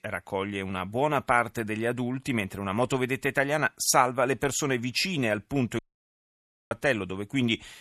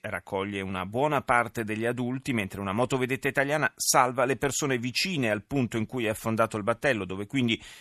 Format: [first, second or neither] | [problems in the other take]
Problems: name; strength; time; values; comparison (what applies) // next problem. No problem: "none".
second | audio cutting out; at 6 s for 1 s